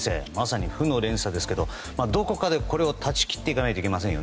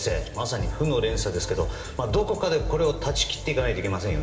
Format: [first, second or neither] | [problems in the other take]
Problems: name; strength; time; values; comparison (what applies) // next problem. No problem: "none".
first | room echo; dies away in 3 s